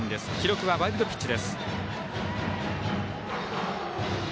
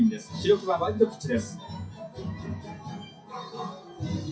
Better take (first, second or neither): first